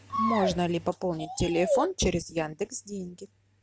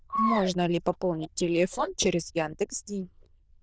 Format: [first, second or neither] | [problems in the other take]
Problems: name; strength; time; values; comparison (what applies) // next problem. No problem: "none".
first | noise reduction (neural diffusion model UNIVERSE++)